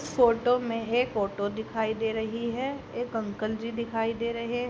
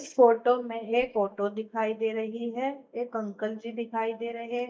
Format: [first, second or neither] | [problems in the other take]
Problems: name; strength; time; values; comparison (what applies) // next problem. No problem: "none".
first | noise reduction (neural mask model DeepFilterNet 3)